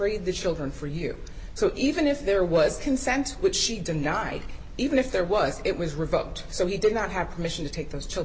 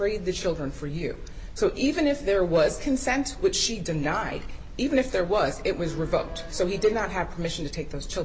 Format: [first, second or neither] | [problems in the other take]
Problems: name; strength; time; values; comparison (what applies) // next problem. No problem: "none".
first | background sound (Accordion); 15 dB below the speech